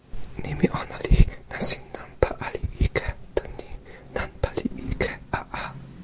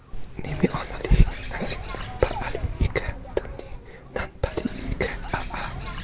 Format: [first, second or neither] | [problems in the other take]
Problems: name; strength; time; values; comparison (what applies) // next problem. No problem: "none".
first | background sound (Bird); 8 dB below the speech